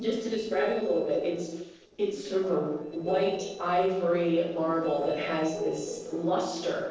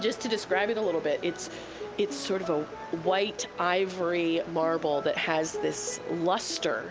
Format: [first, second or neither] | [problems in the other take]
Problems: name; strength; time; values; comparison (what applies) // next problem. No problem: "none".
second | noise reduction (neural separator model SepFormer DNS4)